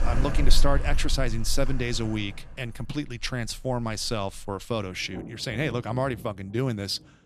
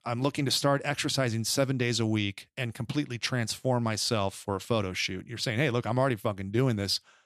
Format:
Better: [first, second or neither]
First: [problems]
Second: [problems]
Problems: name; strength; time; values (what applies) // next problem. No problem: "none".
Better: second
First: rain or running water; loud; throughout; 3 dB below the speech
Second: none